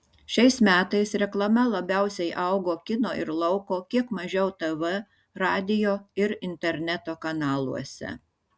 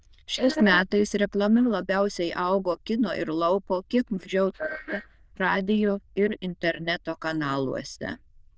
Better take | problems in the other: first | noise reduction (neural diffusion model UNIVERSE++)

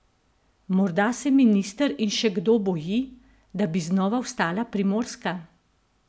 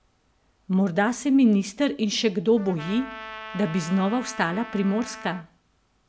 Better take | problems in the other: first | background sound (Trumpet); 15 dB below the speech

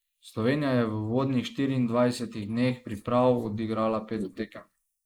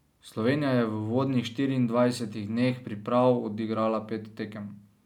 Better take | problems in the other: second | noise reduction (neural mask model Resemble Enhance denoiser)

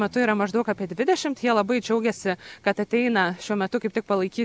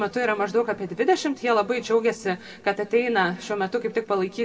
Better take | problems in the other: first | room echo; dies away in 0.9 s

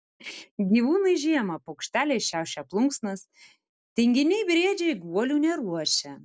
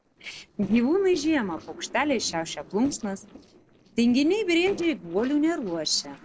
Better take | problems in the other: first | noise reduction (neural separator model SepFormer DNS4)

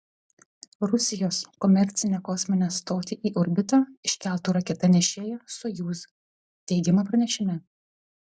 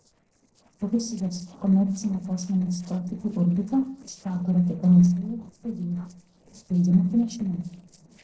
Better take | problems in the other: first | noise reduction (neural separator model SepFormer DNS4)

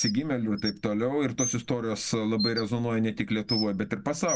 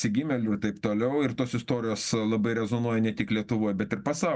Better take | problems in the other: second | background sound (Bird); 9 dB below the speech

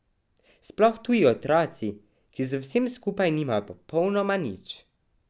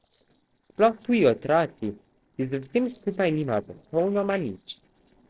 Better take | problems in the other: first | noise reduction (neural separator model SepFormer DNS4)

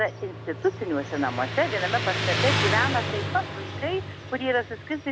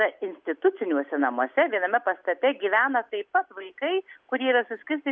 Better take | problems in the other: second | background sound (Motorcycle); 2 dB below the speech

